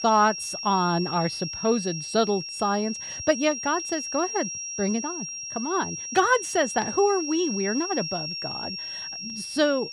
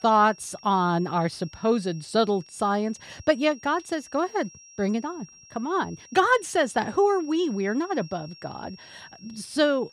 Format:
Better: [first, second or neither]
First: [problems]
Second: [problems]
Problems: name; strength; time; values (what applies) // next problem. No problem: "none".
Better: second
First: high-pitched whine; loud; throughout; 5.5 kHz, 6 dB below the speech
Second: high-pitched whine; faint; throughout; 5.5 kHz, 20 dB below the speech